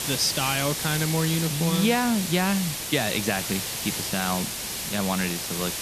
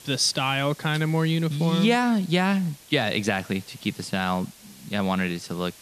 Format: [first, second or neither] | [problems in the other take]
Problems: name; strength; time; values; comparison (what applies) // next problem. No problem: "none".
second | hiss; loud; throughout; 3 dB below the speech; faint in the second